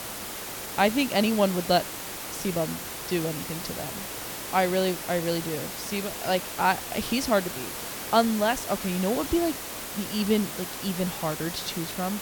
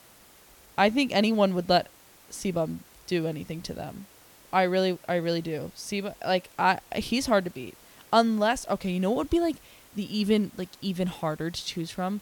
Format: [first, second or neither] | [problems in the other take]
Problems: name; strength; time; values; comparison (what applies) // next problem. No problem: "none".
second | hiss; loud; throughout; 6 dB below the speech; faint in the second